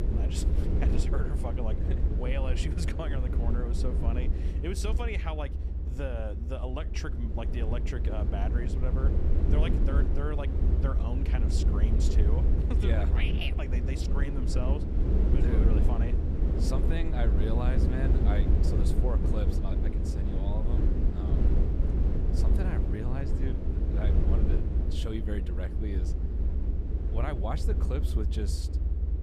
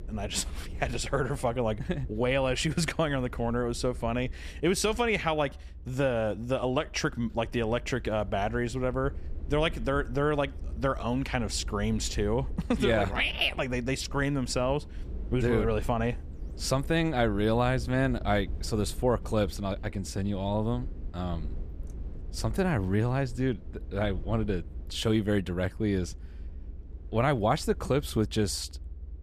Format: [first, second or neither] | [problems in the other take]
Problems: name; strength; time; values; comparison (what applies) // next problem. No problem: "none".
second | low rumble; loud; throughout; 1 dB below the speech; faint in the second